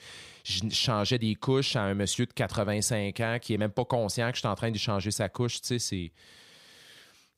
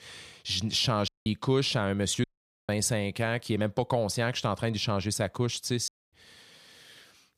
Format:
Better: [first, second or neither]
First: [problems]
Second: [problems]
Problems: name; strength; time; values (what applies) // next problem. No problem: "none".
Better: first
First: none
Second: audio cutting out; at 1 s, at 2 s and at 6 s